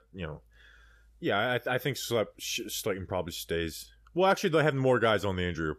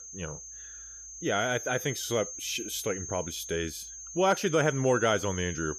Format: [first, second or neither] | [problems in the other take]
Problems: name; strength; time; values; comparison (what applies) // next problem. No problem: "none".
first | high-pitched whine; loud; throughout; 6.5 kHz, 9 dB below the speech